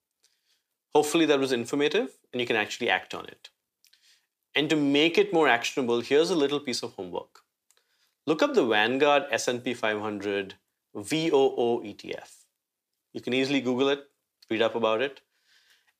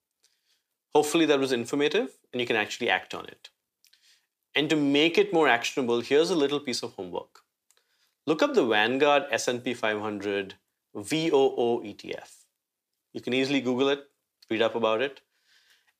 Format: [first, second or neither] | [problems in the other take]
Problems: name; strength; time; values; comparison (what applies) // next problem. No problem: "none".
neither | thin; somewhat; fading below 400 Hz; the same in both